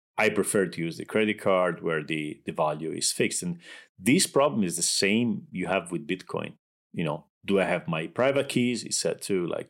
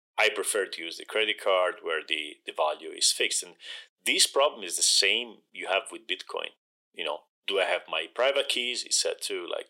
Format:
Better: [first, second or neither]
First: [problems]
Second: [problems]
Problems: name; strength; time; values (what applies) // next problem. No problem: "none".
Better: first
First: none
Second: thin; very; fading below 450 Hz